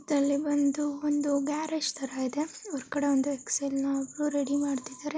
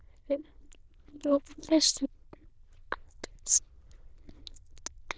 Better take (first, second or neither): first